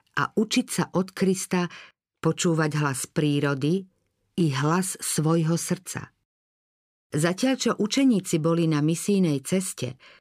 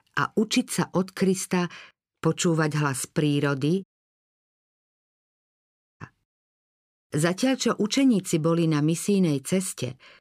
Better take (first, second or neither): first